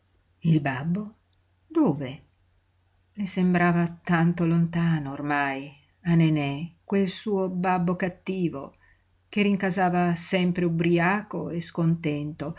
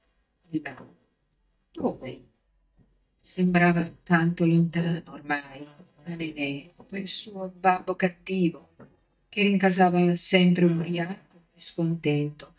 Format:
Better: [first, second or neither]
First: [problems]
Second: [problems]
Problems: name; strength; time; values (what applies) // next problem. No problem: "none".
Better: first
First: none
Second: noise reduction (neural mask model DeepFilterNet 3)